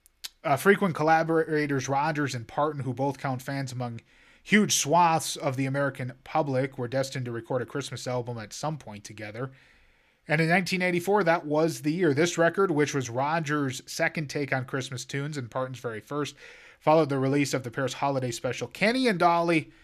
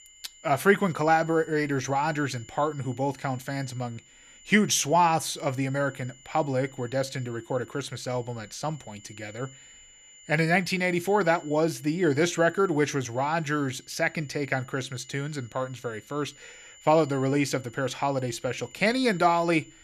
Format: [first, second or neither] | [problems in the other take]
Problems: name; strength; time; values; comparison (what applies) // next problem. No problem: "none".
first | high-pitched whine; faint; throughout; 7 kHz, 25 dB below the speech